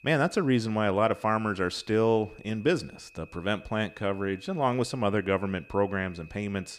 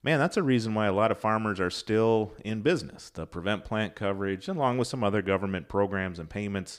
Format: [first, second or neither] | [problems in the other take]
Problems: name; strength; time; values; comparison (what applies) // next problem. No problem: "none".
second | high-pitched whine; faint; throughout; 2.5 kHz, 25 dB below the speech